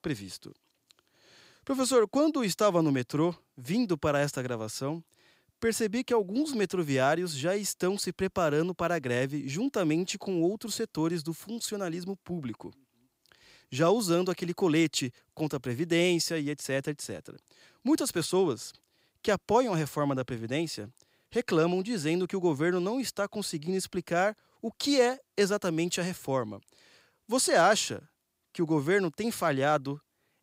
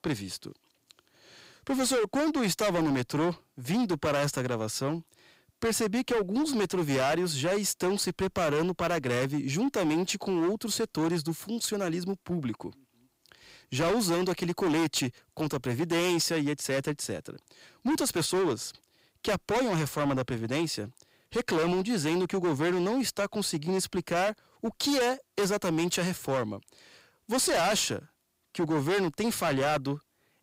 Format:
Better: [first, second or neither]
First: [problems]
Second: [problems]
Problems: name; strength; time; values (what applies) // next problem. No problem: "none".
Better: first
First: none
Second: distortion; heavy; 17% of the sound clipped